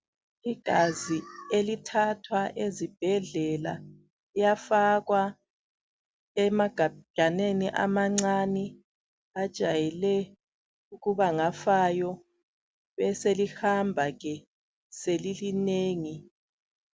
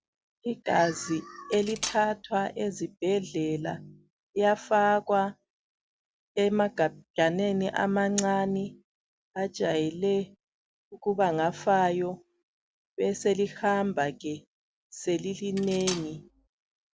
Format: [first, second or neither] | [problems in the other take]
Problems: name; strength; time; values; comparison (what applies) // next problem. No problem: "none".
first | background sound (Cutlery, silverware); 12 dB below the speech